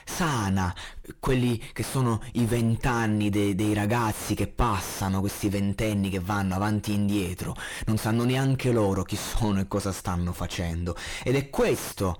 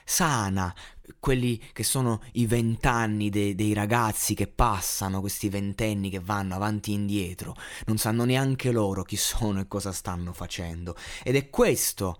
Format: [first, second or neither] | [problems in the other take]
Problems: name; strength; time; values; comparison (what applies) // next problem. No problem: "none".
second | distortion; heavy; 6 dB below the speech